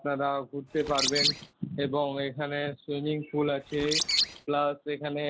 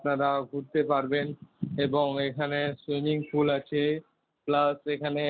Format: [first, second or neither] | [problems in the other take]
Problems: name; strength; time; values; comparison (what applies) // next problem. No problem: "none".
second | background sound (Bird); 1 dB above the speech